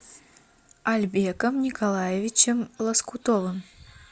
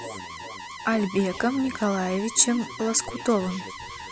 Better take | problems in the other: first | background sound (Alarm); 12 dB below the speech

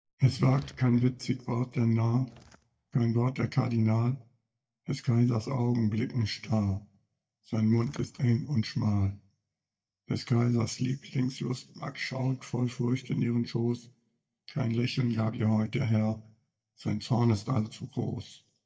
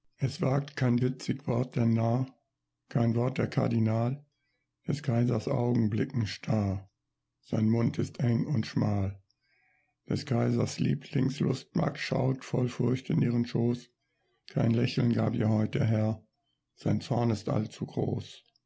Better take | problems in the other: second | noise reduction (neural mask model DeepFilterNet 3)

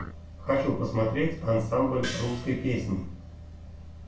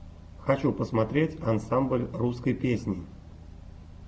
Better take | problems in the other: second | background sound (Gong); 12 dB below the speech // room echo; dies away in 0.3 s

